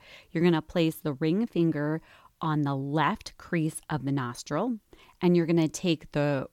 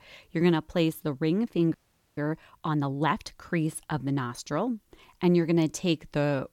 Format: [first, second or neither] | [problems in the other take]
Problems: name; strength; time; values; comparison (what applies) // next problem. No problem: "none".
first | audio freezing; at 1.5 s